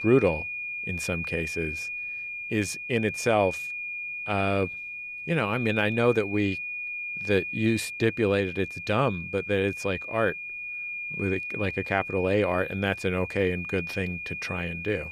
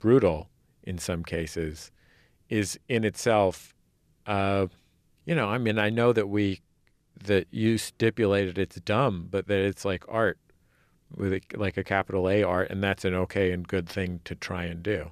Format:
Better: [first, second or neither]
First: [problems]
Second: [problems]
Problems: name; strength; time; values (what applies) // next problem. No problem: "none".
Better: second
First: high-pitched whine; loud; throughout; 2.5 kHz, 5 dB below the speech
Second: none